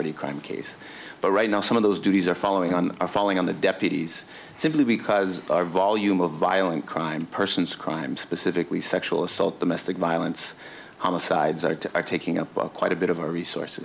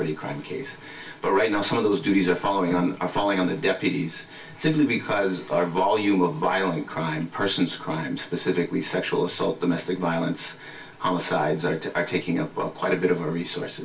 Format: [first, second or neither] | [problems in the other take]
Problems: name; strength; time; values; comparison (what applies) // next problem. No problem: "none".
first | room echo; dies away in 0.2 s